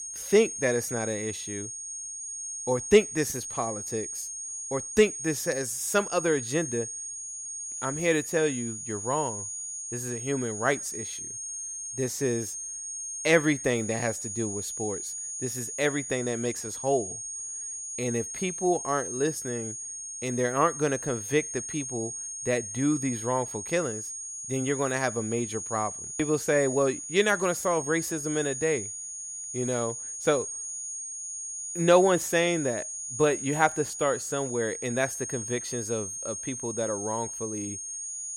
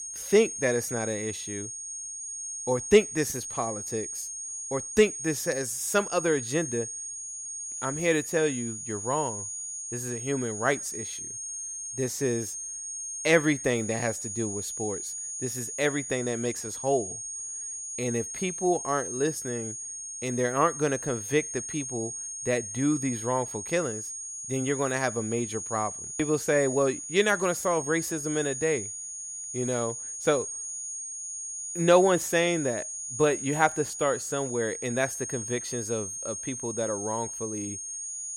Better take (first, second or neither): neither